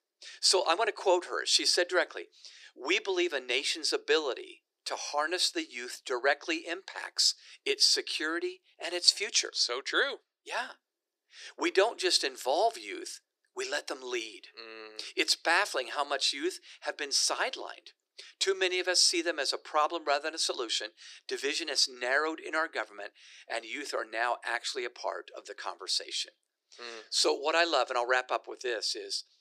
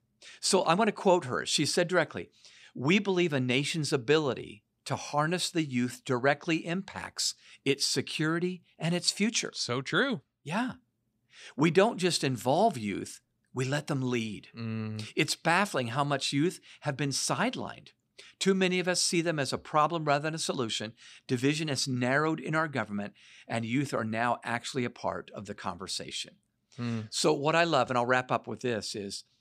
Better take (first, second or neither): second